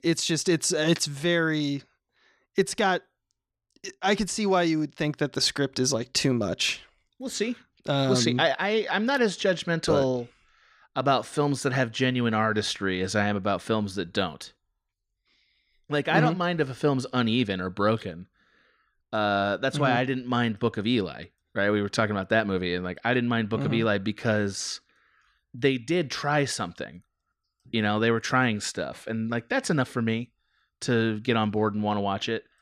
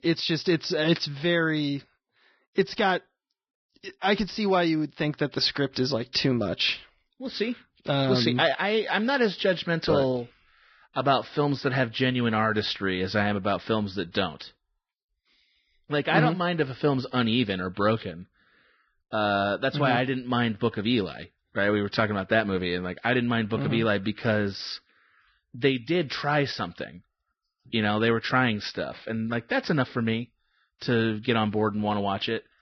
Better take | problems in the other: first | garbled, watery; badly; nothing above 5.5 kHz

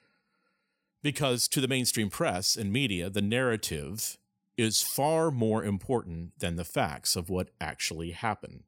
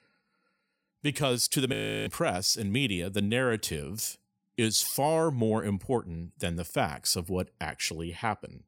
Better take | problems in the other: first | audio freezing; at 1.5 s

